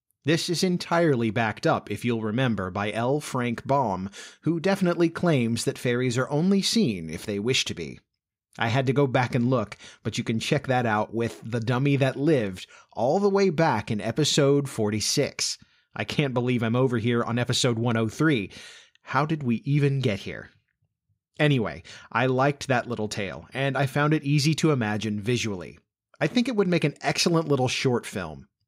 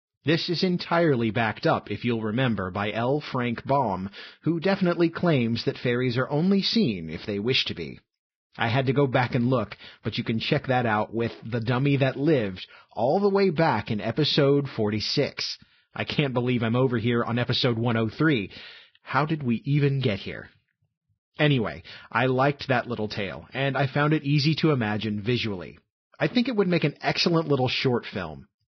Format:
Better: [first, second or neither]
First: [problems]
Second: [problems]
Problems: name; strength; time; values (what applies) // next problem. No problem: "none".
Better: first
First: none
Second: garbled, watery; badly; nothing above 5.5 kHz